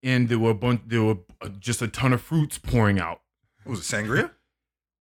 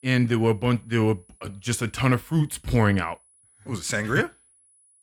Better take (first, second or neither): first